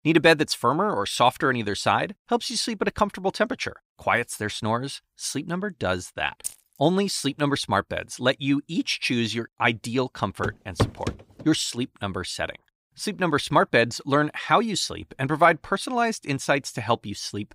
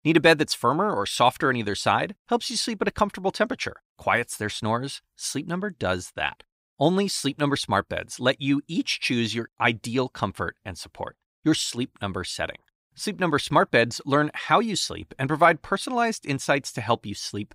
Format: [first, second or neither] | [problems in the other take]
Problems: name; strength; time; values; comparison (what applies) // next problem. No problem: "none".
second | jangling keys; faint; at 6.5 s; peak 10 dB below the speech // footsteps; noticeable; at 10 s; peak 2 dB below the speech